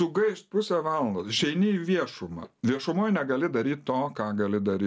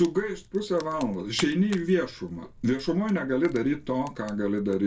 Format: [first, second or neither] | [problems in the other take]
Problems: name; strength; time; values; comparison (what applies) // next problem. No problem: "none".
first | background sound (Fire); 19 dB below the speech // room echo; dies away in 0.2 s